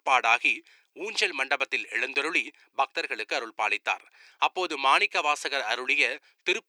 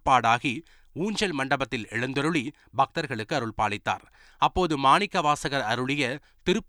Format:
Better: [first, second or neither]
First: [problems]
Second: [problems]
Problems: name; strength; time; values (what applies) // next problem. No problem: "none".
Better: second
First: thin; very; fading below 400 Hz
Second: none